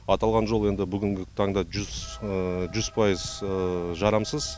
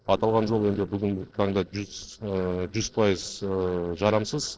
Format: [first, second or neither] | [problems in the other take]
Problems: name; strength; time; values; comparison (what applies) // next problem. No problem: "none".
first | noise reduction (neural separator model SepFormer DNS4)